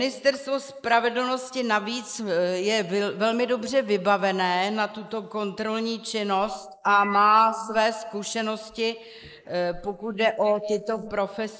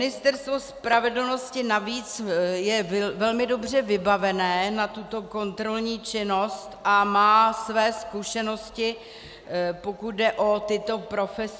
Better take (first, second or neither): second